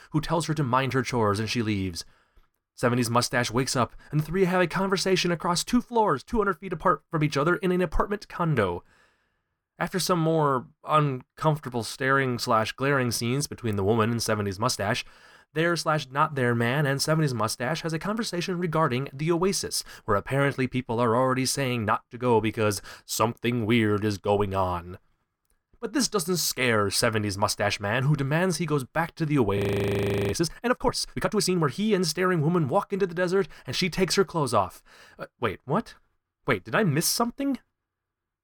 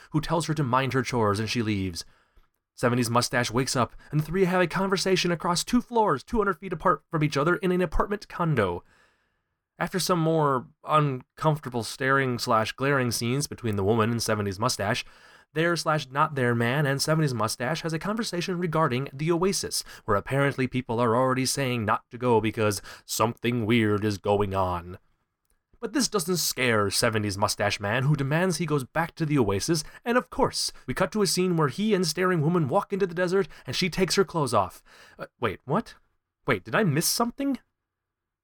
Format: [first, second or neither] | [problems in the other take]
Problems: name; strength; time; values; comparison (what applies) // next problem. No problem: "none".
second | audio freezing; at 30 s for 0.5 s